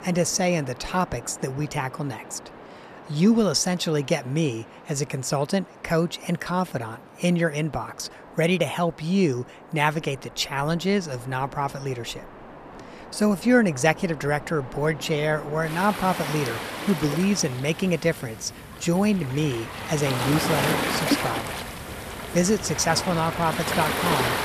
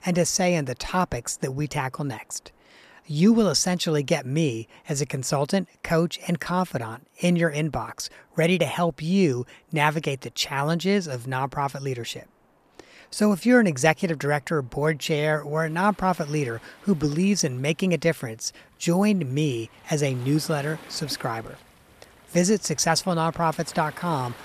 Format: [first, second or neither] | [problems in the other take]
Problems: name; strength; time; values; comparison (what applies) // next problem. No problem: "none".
second | rain or running water; loud; throughout; 6 dB below the speech; faint in the second